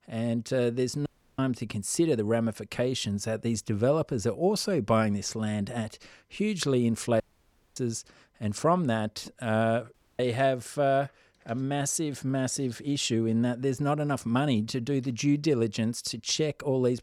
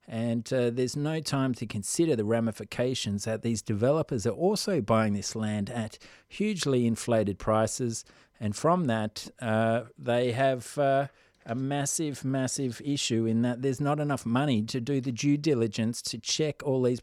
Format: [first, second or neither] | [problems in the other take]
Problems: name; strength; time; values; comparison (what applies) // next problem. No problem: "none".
second | audio cutting out; at 1 s, at 7 s for 0.5 s and at 10 s